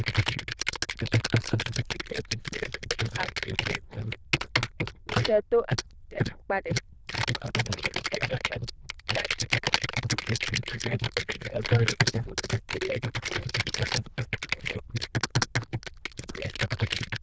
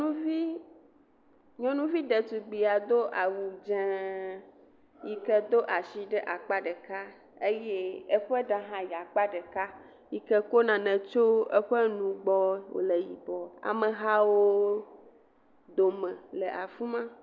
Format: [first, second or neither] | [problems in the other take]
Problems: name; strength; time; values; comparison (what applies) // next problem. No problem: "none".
second | noise reduction (neural diffusion model UNIVERSE++)